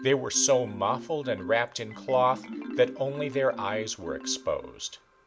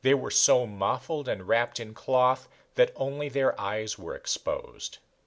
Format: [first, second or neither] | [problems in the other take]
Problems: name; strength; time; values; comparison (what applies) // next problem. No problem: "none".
second | background sound (Marimba, xylophone); 12 dB below the speech